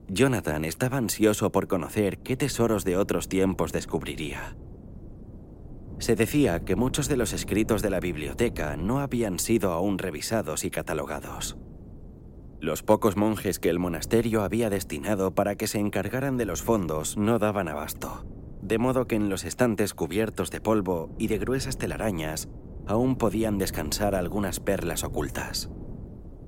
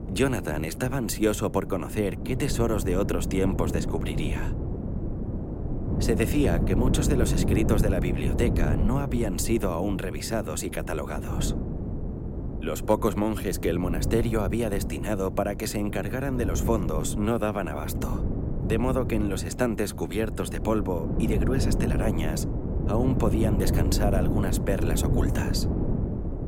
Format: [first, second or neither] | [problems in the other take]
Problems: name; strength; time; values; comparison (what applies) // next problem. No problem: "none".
first | wind noise on the microphone; heavy; 7 dB below the speech; occasional gusts in the first